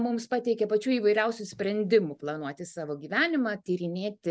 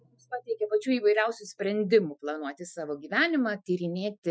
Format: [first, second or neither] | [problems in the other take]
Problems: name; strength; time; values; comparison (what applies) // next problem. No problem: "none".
first | noise reduction (classical method Wiener filter)